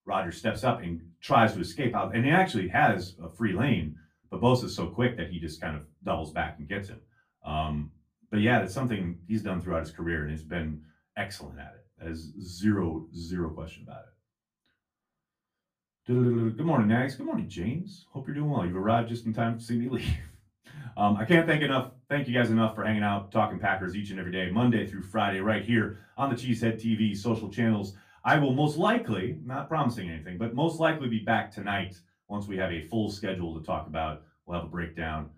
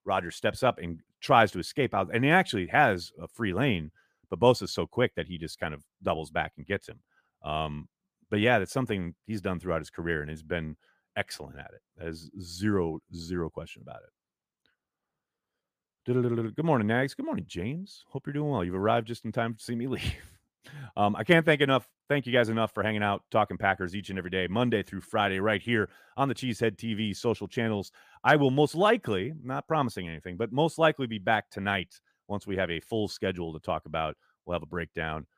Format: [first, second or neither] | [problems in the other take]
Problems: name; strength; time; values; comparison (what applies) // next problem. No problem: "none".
second | off-mic speech; far // room echo; very slight; dies away in 0.2 s